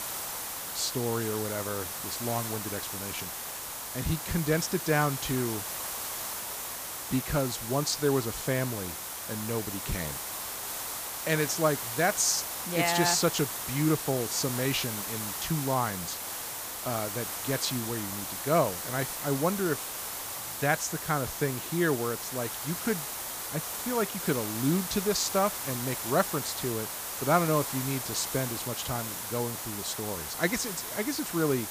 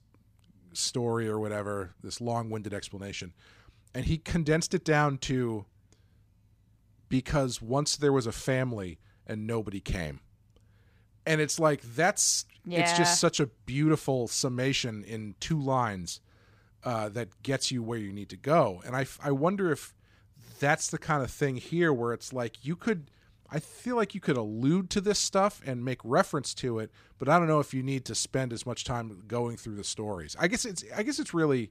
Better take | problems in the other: second | hiss; loud; throughout; 3 dB below the speech

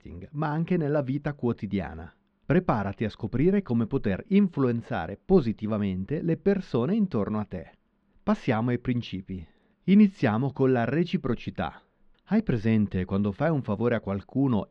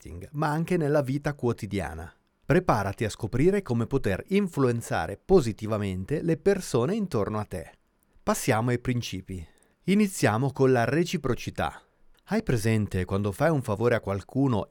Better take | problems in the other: second | muffled; slightly; fading above 3.5 kHz

